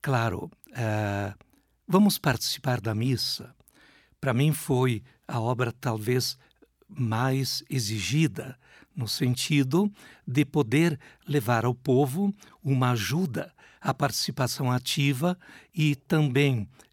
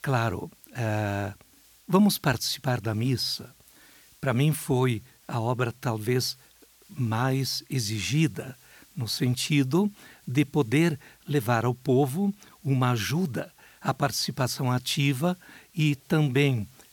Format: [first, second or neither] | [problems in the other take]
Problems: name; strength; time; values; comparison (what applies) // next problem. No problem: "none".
first | hiss; faint; throughout; 30 dB below the speech